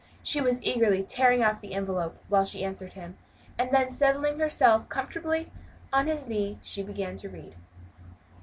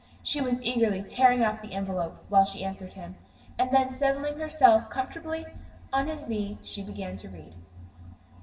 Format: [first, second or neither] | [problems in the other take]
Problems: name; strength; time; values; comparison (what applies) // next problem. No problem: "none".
first | room echo; dies away in 1.7 s